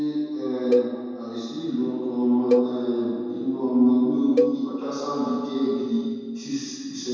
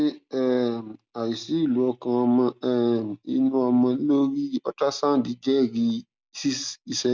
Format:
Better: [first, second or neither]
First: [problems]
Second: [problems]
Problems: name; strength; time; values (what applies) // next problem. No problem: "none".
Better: second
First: background sound (Cowbell); 5 dB below the speech // room echo; dies away in 2 s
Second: none